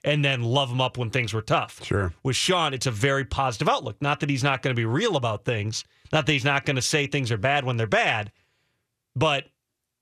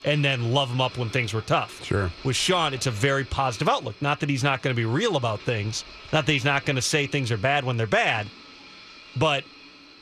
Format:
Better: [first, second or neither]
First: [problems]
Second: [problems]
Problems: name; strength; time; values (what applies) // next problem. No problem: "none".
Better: first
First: none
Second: household noises; noticeable; throughout; 20 dB below the speech